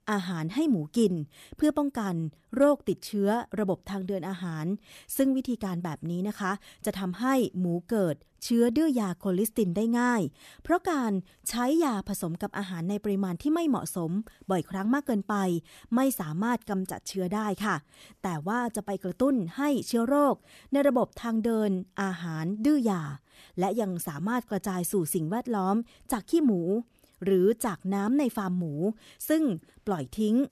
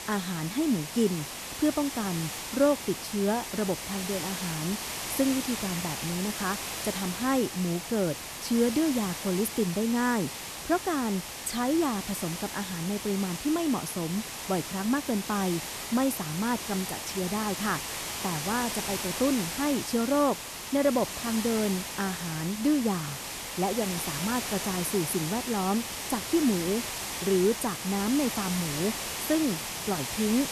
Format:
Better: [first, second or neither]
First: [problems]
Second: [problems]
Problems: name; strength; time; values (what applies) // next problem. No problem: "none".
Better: first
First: none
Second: hiss; loud; throughout; 4 dB below the speech